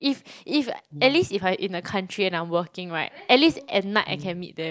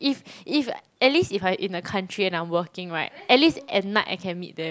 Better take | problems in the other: second | noise reduction (neural mask model DeepFilterNet 3)

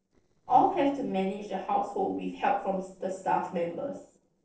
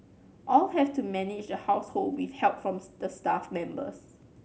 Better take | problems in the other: second | noise reduction (neural separator model SepFormer DNS4)

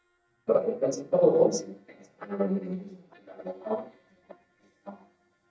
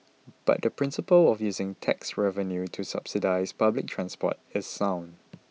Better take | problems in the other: second | noise reduction (neural mask model DeepFilterNet 3)

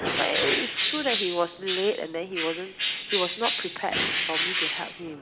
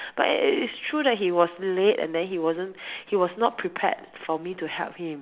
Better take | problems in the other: second | background sound (Bird); 1 dB above the speech

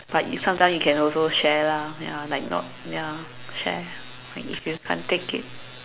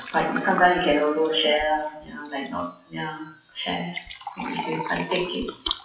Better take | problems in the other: first | noise reduction (classical method WPE with log-MMSE)

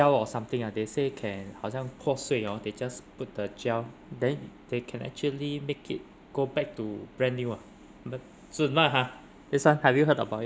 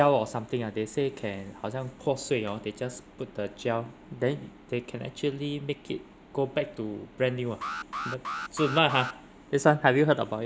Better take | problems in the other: first | background sound (Alarm); 7 dB below the speech

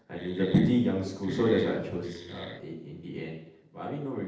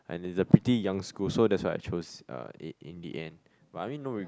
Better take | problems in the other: second | noise reduction (neural separator model SepFormer DNS4)

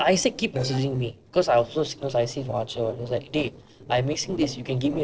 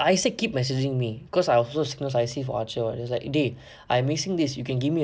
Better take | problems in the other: second | noise reduction (neural separator model SepFormer DNS4)

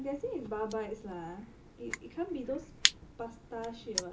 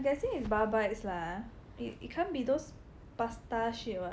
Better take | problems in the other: second | background sound (Crushing); as loud as the speech // room echo; dies away in 0.2 s

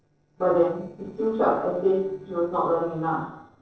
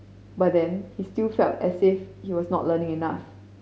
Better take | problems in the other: second | noise reduction (neural separator model SepFormer DNS4)

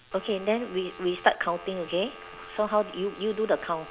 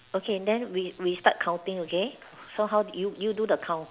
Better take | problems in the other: second | background sound (Telephone); 17 dB below the speech

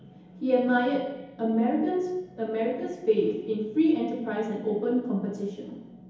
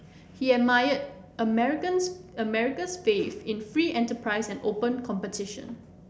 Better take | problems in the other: second | room echo; dies away in 2.2 s

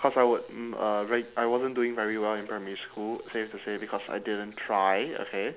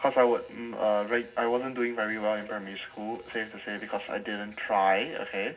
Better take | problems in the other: first | room echo; dies away in 0.4 s

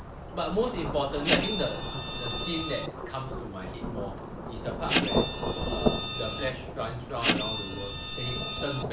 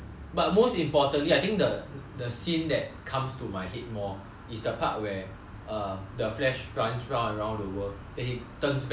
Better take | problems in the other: second | background sound (Rain / Thunderstorm + Printer); 3 dB above the speech

